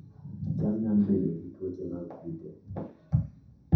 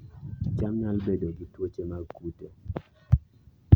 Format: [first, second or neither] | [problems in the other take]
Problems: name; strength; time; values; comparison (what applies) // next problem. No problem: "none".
second | room echo; dies away in 0.7 s